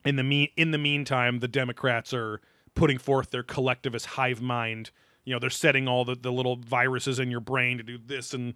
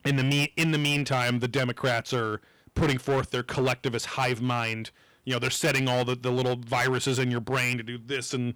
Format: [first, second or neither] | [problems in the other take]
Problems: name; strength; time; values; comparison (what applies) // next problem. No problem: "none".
first | distortion; heavy; 12% of the sound clipped